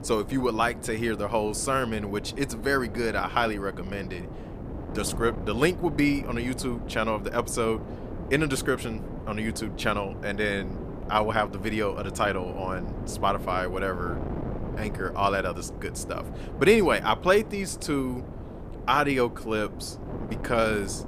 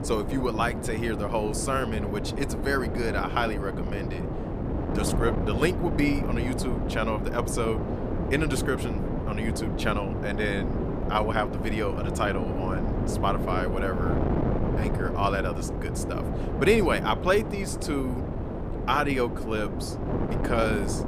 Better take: first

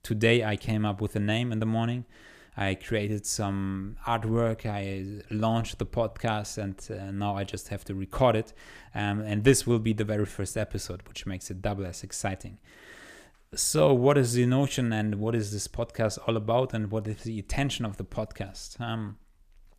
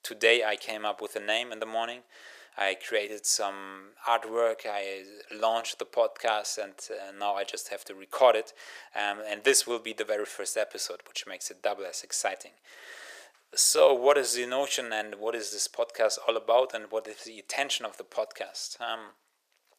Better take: first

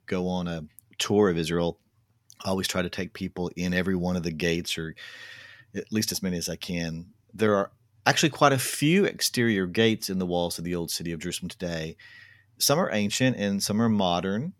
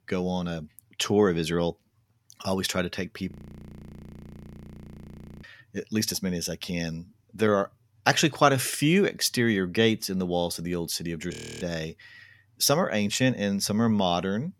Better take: first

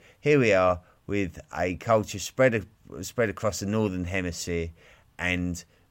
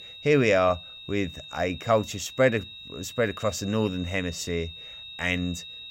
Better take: first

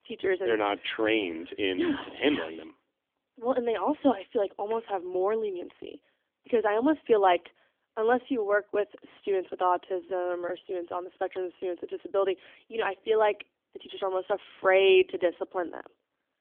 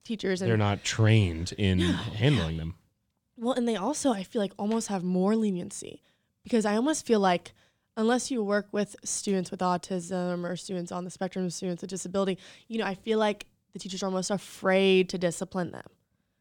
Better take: second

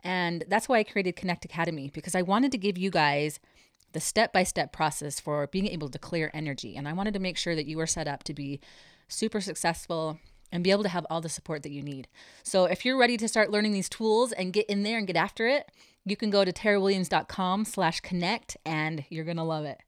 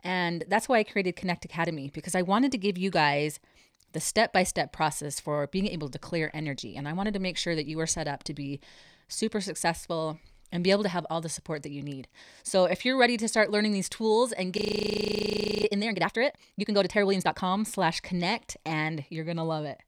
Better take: first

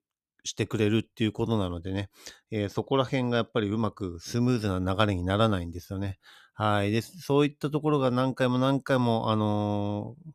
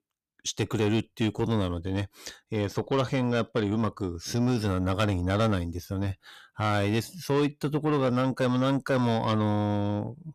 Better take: first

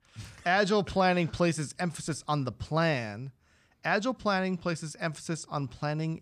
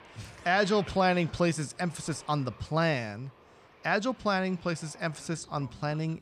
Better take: first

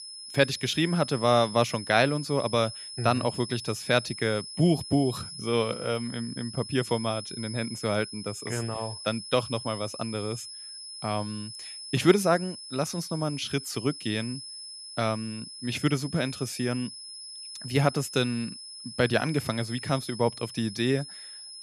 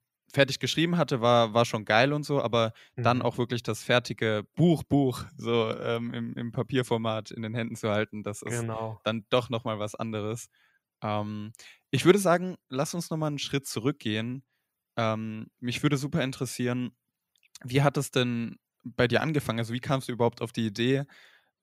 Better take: second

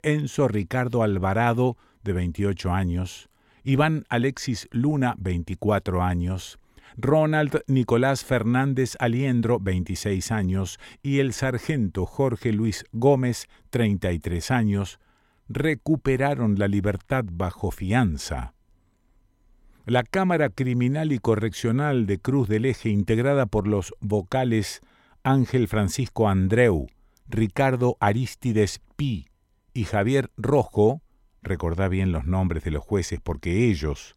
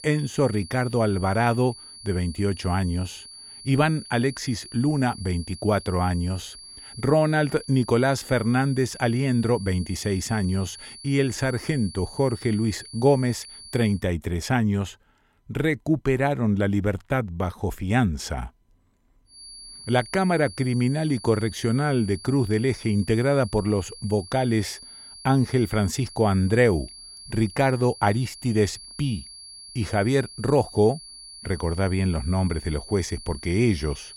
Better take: first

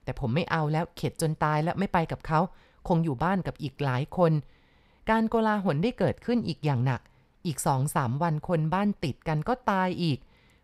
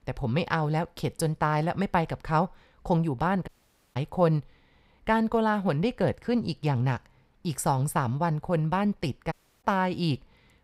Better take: first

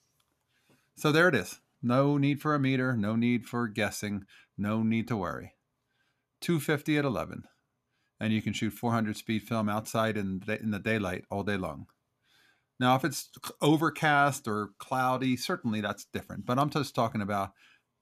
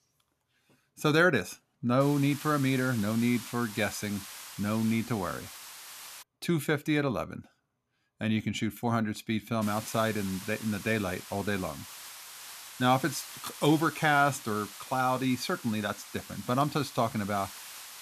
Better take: first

